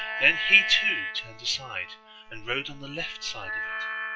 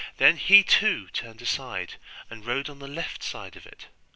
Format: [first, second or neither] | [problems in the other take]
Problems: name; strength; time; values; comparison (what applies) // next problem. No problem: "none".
second | noise reduction (classical method log-MMSE)